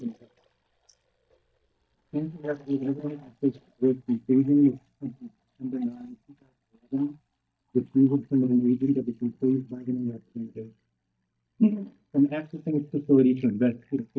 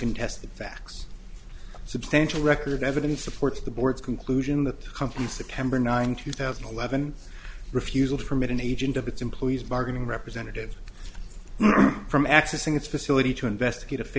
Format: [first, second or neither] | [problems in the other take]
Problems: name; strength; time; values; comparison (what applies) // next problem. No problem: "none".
second | noise reduction (neural mask model DeepFilterNet 3)